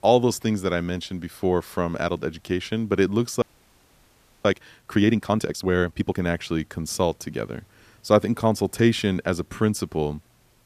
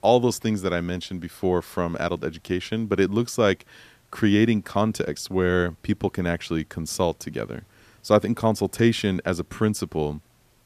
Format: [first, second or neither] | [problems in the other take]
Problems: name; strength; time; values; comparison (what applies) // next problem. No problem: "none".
second | audio freezing; at 3.5 s for 1 s